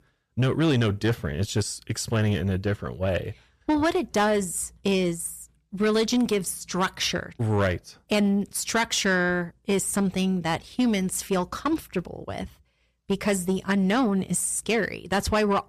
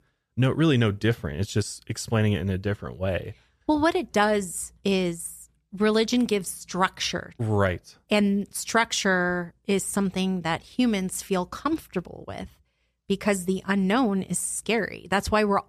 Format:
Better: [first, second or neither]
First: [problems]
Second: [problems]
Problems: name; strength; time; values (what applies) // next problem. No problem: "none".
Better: second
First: distortion; slight; 10 dB below the speech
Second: none